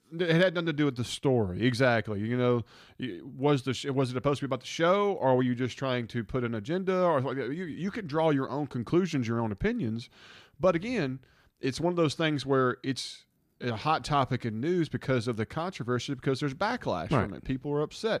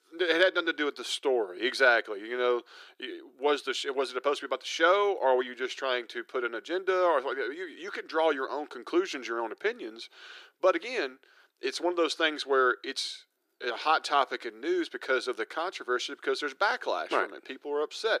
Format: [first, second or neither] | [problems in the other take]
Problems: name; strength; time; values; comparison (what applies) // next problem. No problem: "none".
first | thin; very; fading below 350 Hz